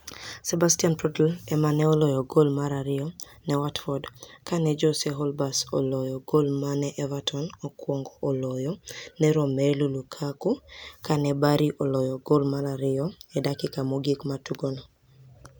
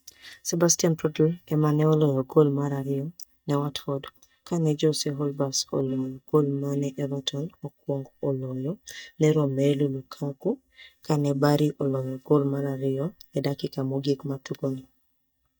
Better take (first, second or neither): first